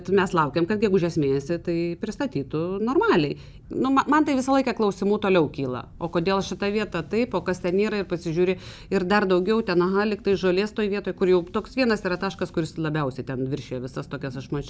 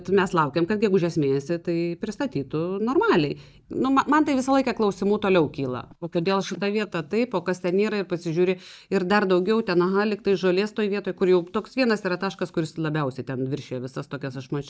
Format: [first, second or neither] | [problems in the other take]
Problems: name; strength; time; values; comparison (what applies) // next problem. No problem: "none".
first | noise reduction (neural mask model DeepFilterNet 3)